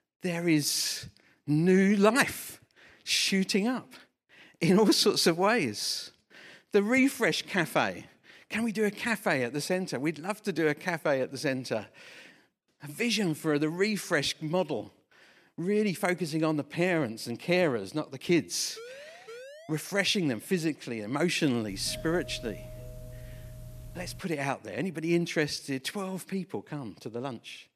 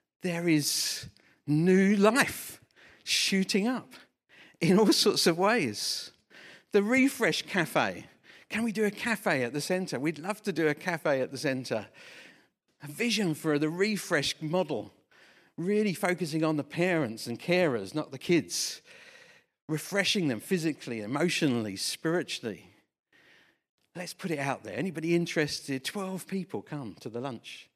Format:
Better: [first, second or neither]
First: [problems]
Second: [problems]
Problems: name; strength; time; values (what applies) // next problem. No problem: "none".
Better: second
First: siren; faint; from 19 to 20 s; peak 15 dB below the speech // doorbell; faint; from 22 to 24 s; peak 15 dB below the speech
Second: none